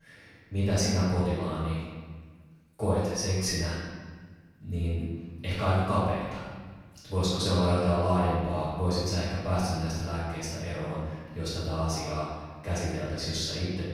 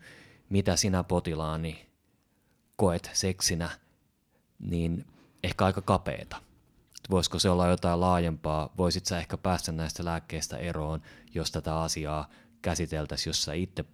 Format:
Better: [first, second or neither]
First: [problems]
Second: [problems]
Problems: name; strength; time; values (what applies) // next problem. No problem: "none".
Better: second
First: off-mic speech; far // room echo; strong; dies away in 1.4 s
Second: none